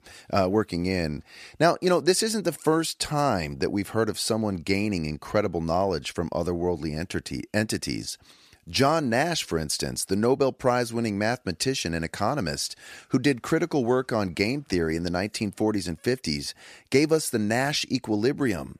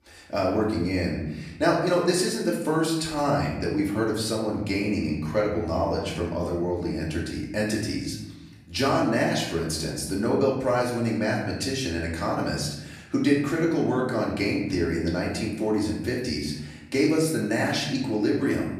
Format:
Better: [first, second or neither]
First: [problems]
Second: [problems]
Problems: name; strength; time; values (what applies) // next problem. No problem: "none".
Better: first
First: none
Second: off-mic speech; far // room echo; noticeable; dies away in 0.9 s